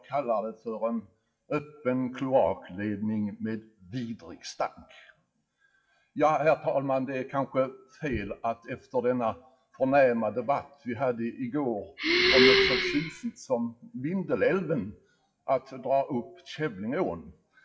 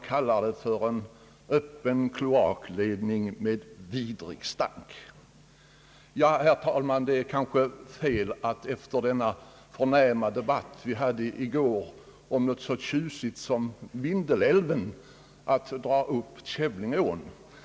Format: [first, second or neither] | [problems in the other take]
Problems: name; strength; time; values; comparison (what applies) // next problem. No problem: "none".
second | noise reduction (classical method WPE with log-MMSE)